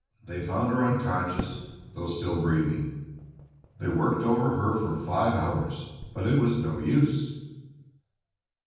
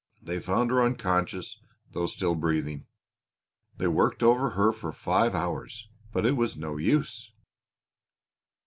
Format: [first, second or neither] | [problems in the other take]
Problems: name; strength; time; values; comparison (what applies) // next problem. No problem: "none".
second | background sound (Fireworks); 19 dB below the speech // room echo; dies away in 1.2 s